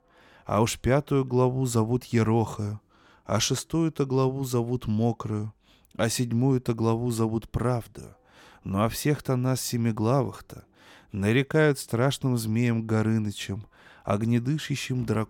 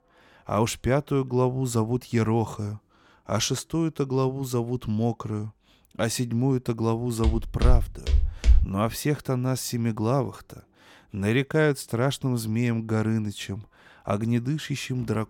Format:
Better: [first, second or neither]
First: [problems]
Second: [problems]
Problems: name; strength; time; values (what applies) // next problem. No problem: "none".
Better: first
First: none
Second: footsteps; loud; from 7 to 8.5 s; peak 3 dB above the speech